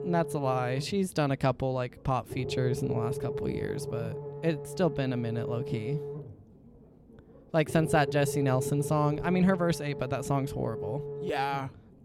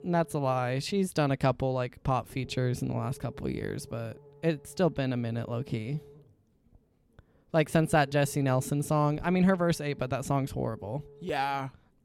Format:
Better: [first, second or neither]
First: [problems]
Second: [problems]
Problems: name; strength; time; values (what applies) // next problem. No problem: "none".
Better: second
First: low rumble; loud; throughout; 7 dB below the speech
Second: low rumble; faint; throughout; 20 dB below the speech